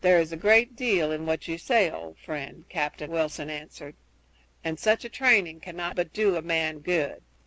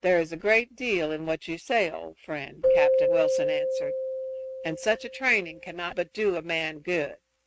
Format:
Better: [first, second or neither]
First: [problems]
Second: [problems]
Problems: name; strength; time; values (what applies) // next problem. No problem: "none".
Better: first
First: none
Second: noise reduction (neural mask model RNNoise)